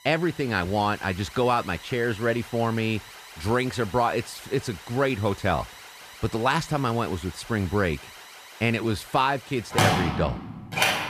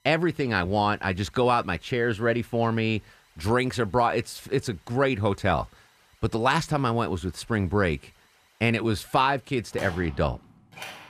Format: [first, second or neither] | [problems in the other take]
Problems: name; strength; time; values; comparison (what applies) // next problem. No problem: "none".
second | alarms or sirens; loud; throughout; 7 dB below the speech; faint in the second